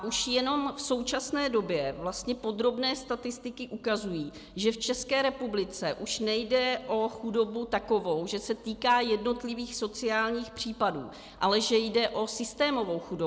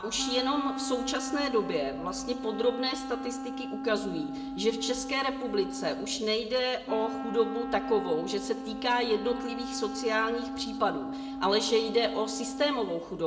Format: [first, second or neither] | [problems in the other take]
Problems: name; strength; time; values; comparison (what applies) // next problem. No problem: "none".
first | background sound (Wind instrument, woodwind instrument); 6 dB below the speech // room echo; dies away in 0.5 s